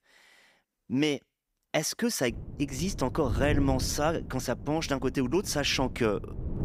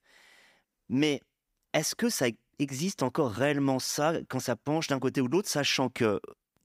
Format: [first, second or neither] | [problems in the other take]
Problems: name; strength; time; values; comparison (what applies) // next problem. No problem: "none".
second | wind noise on the microphone; occasional gusts; from 2.5 s on; 15 dB below the speech